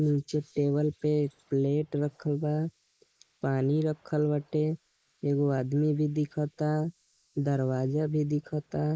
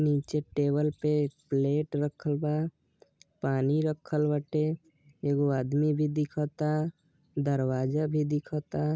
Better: second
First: noise reduction (neural mask model Resemble Enhance denoiser)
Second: none

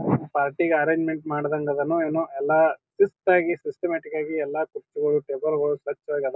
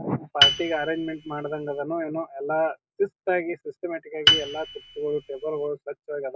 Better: first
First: none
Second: background sound (Piano); 3 dB above the speech

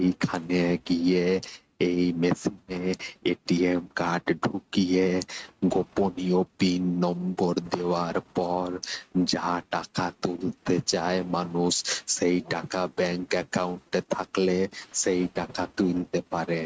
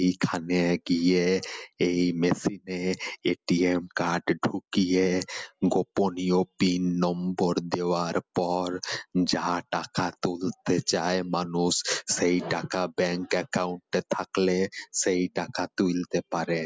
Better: second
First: noise reduction (neural mask model RNNoise)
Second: none

